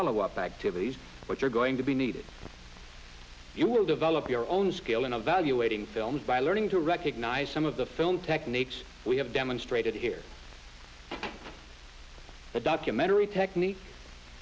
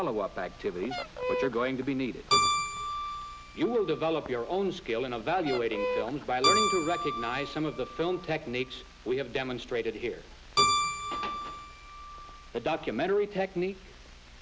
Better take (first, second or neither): first